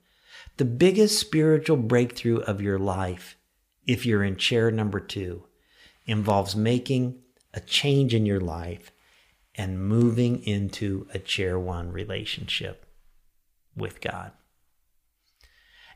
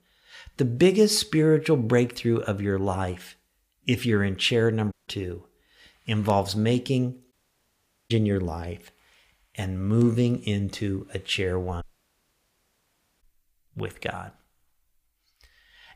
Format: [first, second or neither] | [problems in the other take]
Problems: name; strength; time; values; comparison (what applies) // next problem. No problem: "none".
first | audio cutting out; at 5 s, at 7.5 s for 1 s and at 12 s for 1.5 s